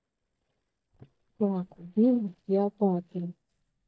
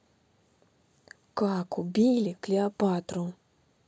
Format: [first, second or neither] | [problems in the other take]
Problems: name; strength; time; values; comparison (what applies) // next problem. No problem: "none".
second | noise reduction (neural mask model DeepFilterNet 3)